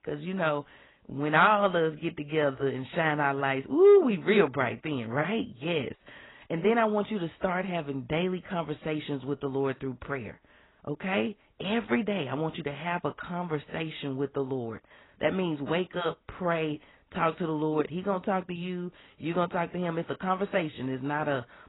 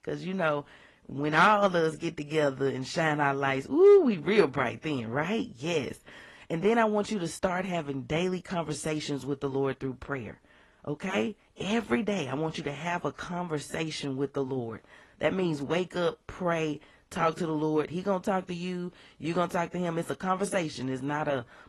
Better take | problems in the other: second | garbled, watery; badly; nothing above 4 kHz; slightly in the second

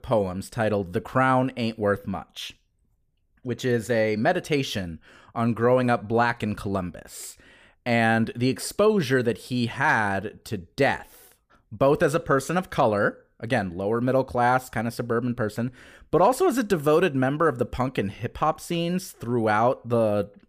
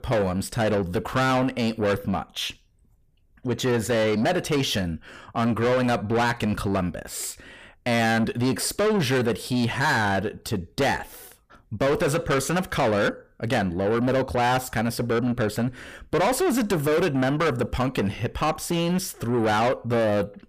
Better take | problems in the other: first | distortion; heavy; 7 dB below the speech

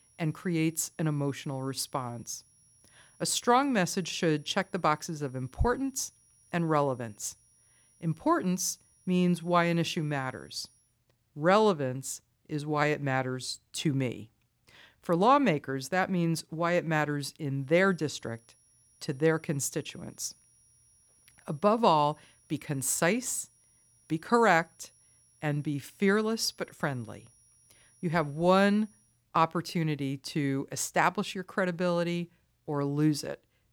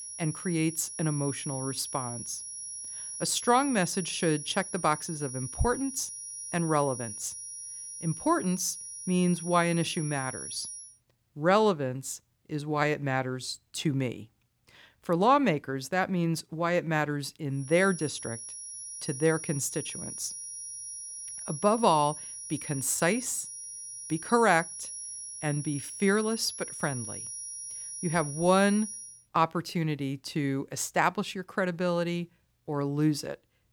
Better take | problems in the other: first | high-pitched whine; loud; until 11 s and from 18 to 29 s; 10.5 kHz, 8 dB below the speech; faint in the first

